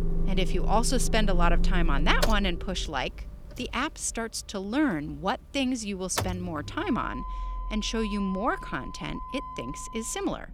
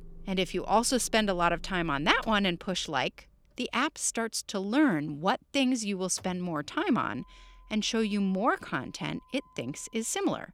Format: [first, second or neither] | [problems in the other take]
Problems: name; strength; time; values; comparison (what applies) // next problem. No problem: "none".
second | traffic noise; loud; throughout; 4 dB below the speech; faint in the second